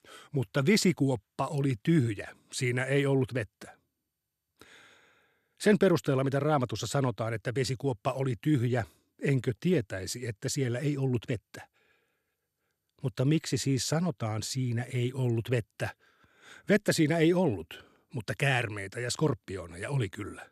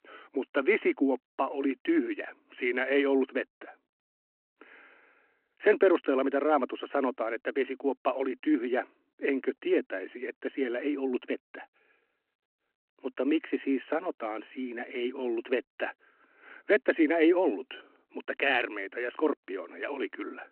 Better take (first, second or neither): first